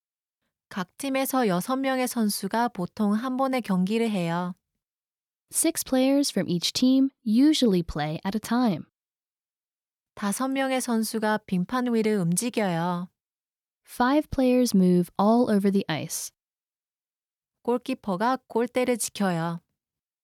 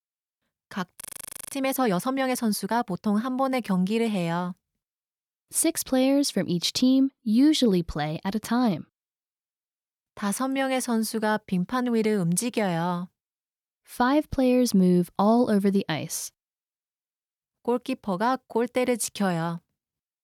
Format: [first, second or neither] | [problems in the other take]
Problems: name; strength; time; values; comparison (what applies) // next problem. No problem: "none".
first | audio freezing; at 1 s for 0.5 s